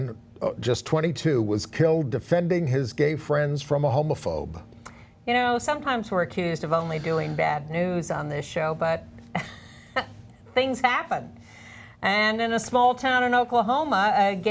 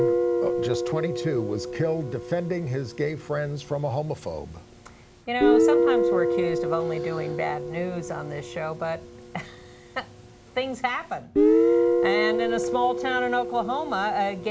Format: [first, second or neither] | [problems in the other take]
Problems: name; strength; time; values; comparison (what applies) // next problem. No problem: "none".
first | background sound (Guitar); 3 dB above the speech